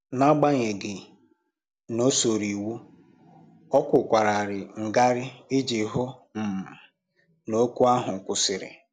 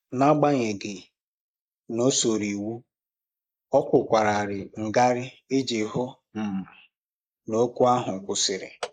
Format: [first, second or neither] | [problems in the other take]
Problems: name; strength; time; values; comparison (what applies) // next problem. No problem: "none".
first | noise reduction (neural mask model Resemble Enhance denoiser)